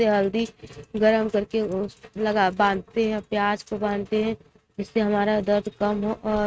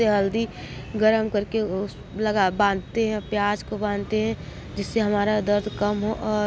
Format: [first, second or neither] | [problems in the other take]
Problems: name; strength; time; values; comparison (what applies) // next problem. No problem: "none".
second | noise reduction (neural mask model RNNoise)